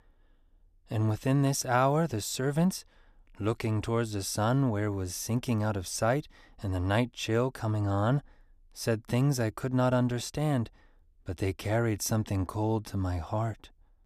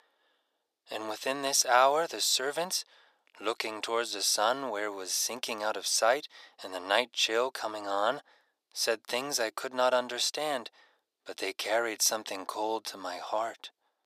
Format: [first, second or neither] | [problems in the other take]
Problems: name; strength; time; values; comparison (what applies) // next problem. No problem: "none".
first | thin; very; fading below 500 Hz